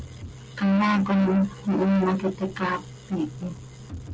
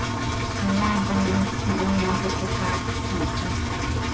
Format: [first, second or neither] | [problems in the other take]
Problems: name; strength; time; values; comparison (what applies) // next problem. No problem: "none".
first | background sound (Engine); 2 dB above the speech